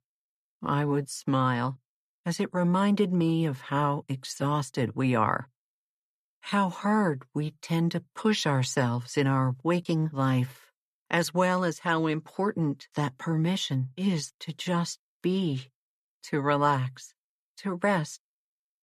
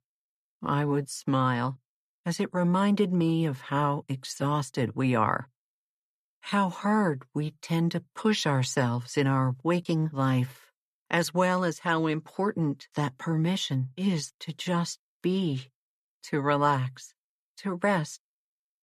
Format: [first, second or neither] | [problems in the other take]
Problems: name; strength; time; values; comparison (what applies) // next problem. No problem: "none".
neither | none